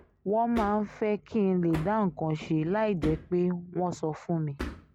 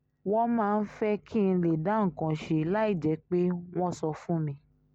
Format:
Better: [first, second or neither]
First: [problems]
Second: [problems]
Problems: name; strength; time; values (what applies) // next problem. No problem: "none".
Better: second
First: background sound (Hammer); 14 dB below the speech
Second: none